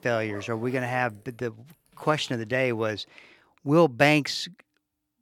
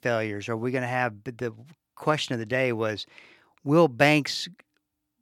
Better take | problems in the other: second | household noises; faint; until 3.5 s; 25 dB below the speech

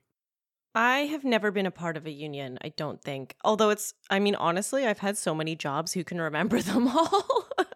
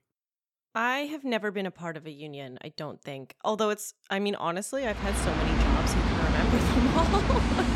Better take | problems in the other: first | train or aircraft noise; very faint; from 5 s on; 4 dB above the speech

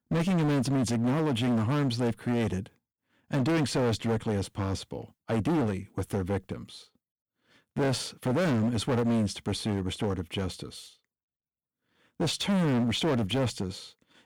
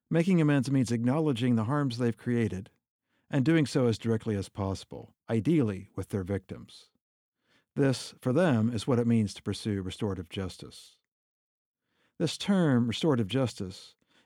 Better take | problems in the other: second | distortion; heavy; 16% of the sound clipped

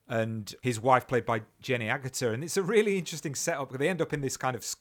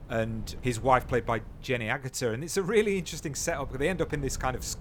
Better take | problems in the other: first | wind noise on the microphone; occasional gusts; 25 dB below the speech

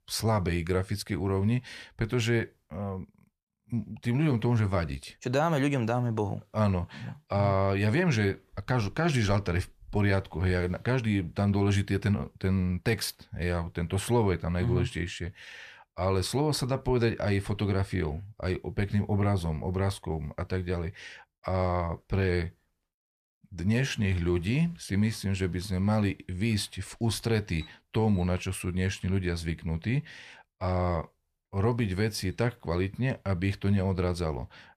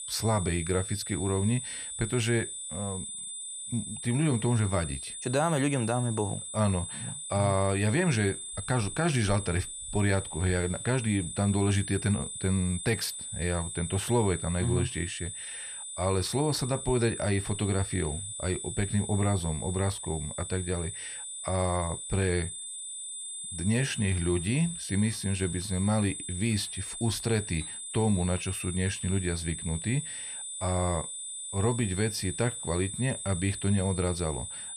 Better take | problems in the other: first | high-pitched whine; loud; throughout; 8 kHz, 6 dB below the speech

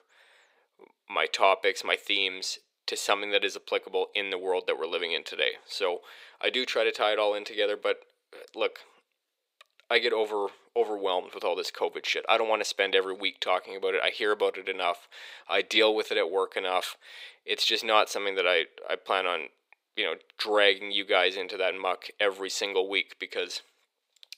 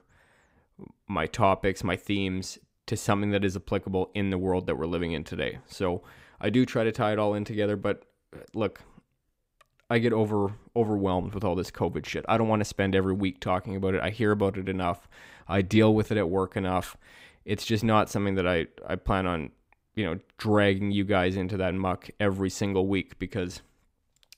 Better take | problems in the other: second | thin; very; fading below 450 Hz

